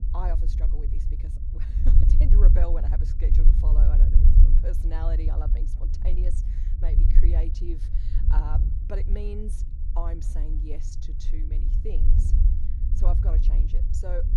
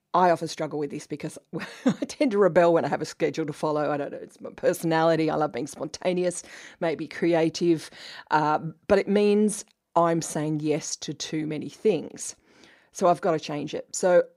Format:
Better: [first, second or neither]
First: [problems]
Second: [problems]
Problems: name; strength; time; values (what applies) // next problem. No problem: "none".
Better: second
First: low rumble; loud; throughout; 3 dB below the speech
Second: none